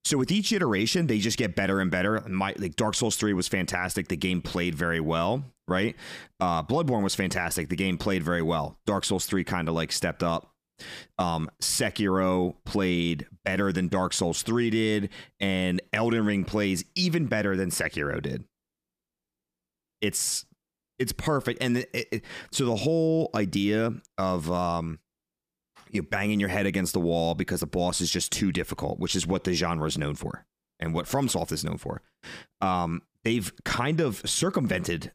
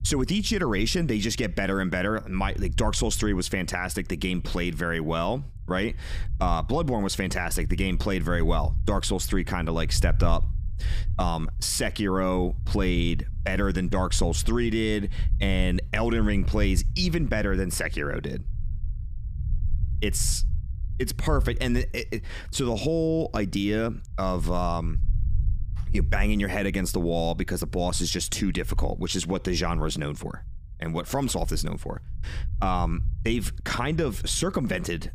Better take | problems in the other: first | low rumble; faint; throughout; 20 dB below the speech

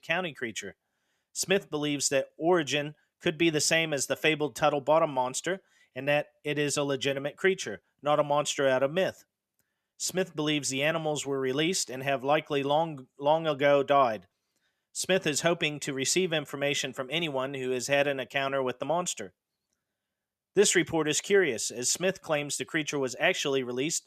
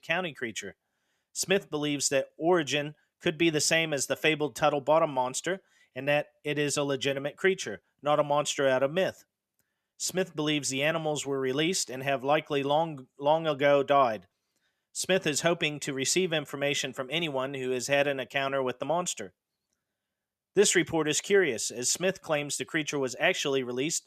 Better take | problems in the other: neither | none

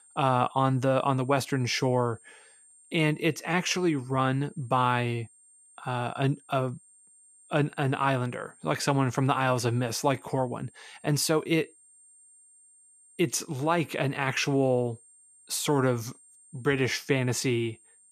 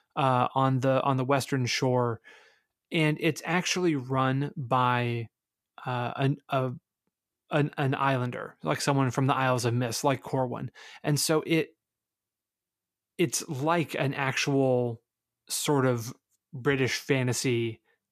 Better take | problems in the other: second | high-pitched whine; faint; throughout; 8.5 kHz, 25 dB below the speech

